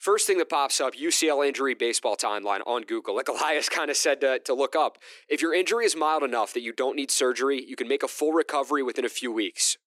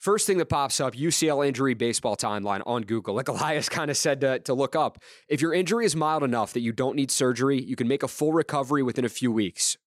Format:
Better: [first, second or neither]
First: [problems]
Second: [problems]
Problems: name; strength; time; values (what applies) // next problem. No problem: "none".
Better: second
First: thin; somewhat; fading below 300 Hz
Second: none